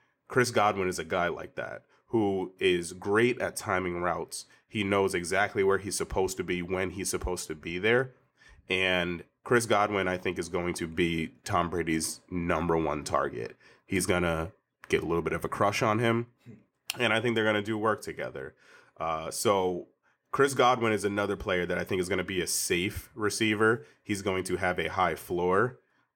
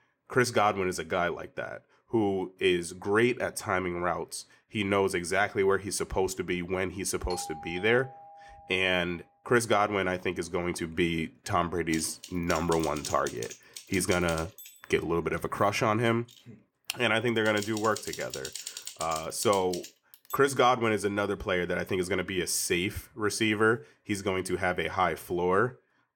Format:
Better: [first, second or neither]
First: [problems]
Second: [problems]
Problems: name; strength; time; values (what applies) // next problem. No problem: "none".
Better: first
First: none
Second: doorbell; faint; from 7.5 to 9 s; peak 10 dB below the speech // keyboard typing; noticeable; from 12 to 20 s; peak 9 dB below the speech